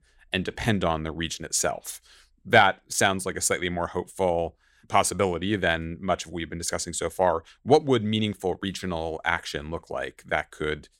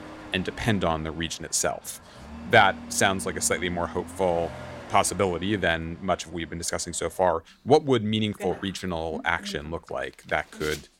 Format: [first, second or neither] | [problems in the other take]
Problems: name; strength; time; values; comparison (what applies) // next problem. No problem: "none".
first | traffic noise; noticeable; throughout; 15 dB below the speech